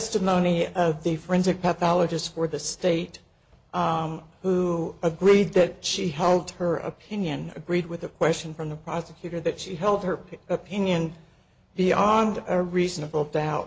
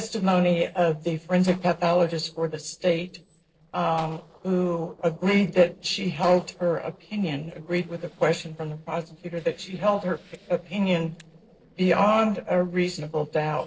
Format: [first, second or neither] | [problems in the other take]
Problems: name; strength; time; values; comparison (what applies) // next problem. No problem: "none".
first | noise reduction (neural separator model SepFormer DNS4)